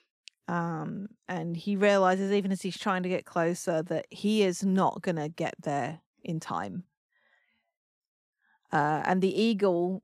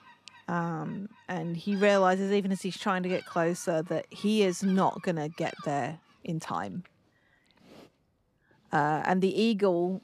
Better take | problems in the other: first | animal sounds; faint; throughout; 20 dB below the speech

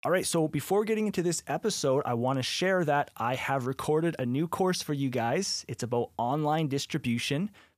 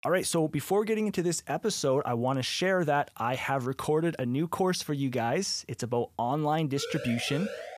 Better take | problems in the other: first | siren; noticeable; from 7 s on; peak 9 dB below the speech

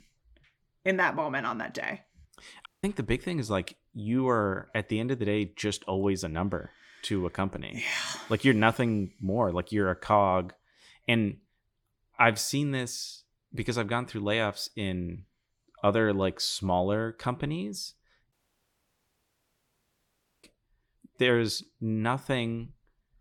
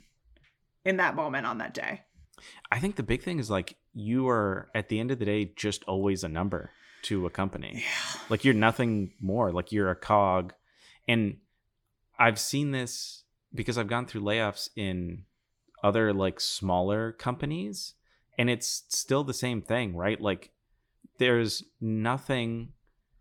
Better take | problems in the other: second | audio cutting out; at 2.5 s and at 18 s for 2 s

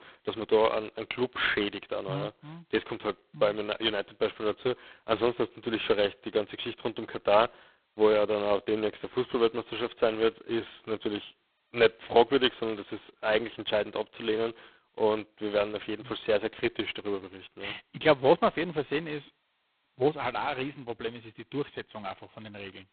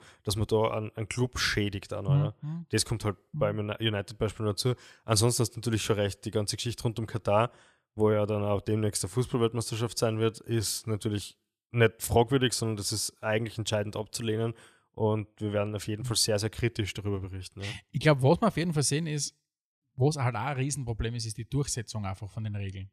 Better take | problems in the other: second | phone-call audio; poor line; nothing above 3.5 kHz

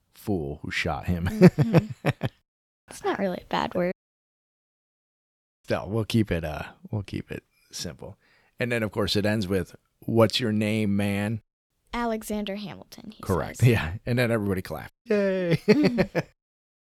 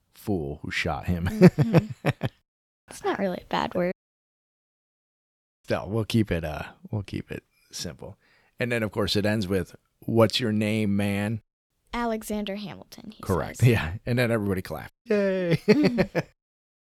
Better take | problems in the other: neither | audio cutting out; at 4 s for 1.5 s and at 15 s; the same in both

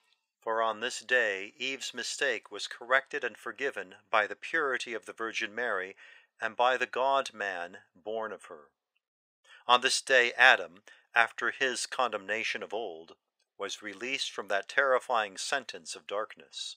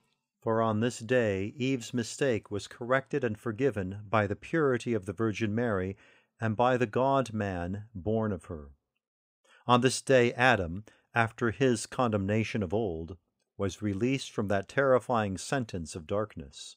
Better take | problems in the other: second | thin; very; fading below 700 Hz

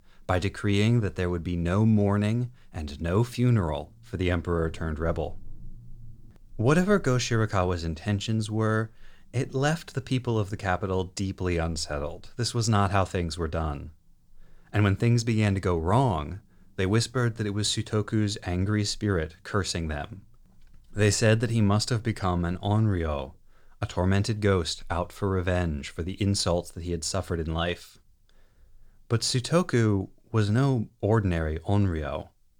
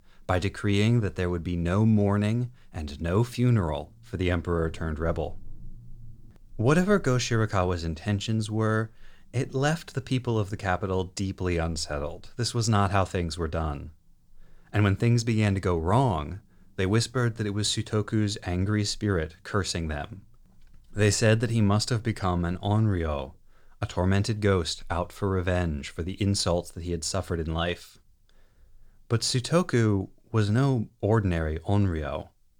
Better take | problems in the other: neither | none

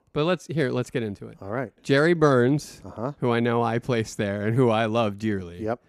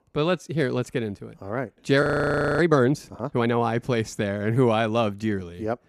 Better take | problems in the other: first | audio freezing; at 2 s for 0.5 s

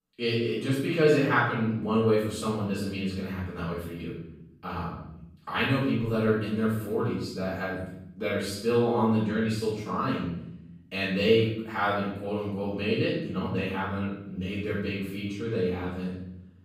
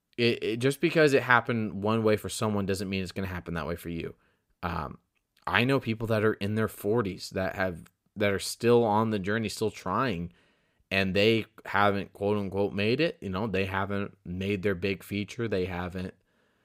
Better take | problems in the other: second | off-mic speech; far // room echo; noticeable; dies away in 0.9 s

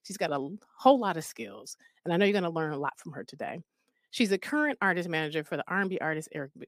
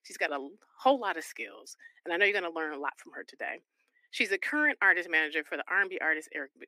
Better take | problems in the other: first | thin; somewhat; fading below 300 Hz

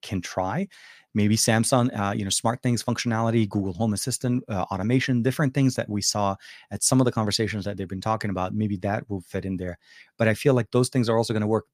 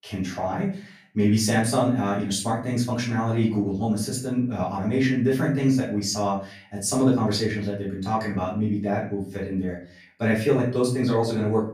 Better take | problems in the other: first | off-mic speech; far // room echo; slight; dies away in 0.4 s

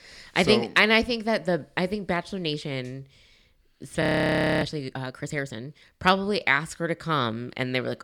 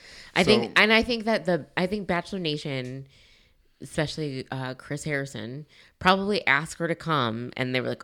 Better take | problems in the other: second | audio freezing; at 4 s for 0.5 s

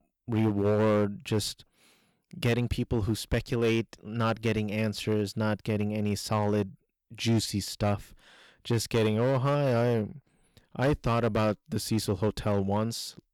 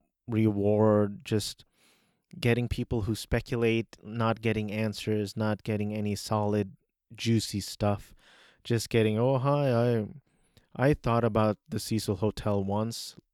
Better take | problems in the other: second | distortion; slight; 7% of the sound clipped

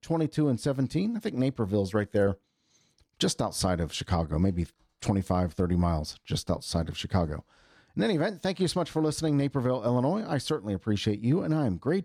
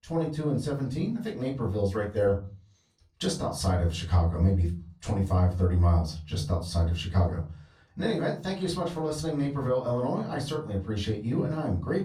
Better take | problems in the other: first | off-mic speech; far // room echo; very slight; dies away in 0.3 s

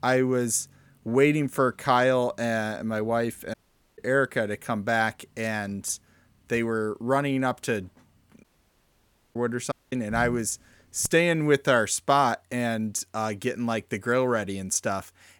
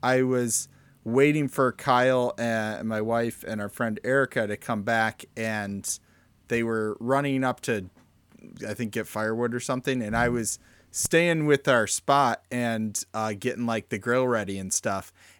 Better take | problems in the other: second | audio cutting out; at 3.5 s, at 8.5 s for 1 s and at 9.5 s

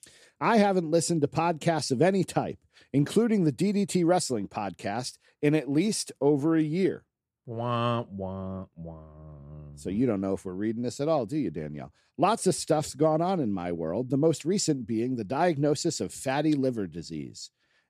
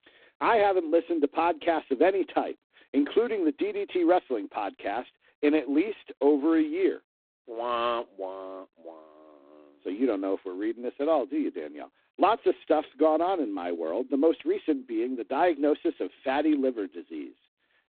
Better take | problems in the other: first | phone-call audio; poor line; nothing above 4 kHz

